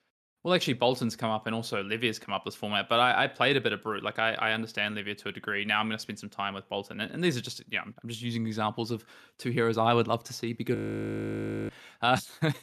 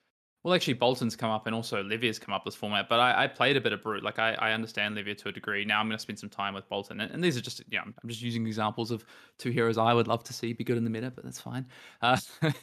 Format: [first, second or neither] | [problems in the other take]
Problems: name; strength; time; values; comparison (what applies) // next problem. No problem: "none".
second | audio freezing; at 11 s for 1 s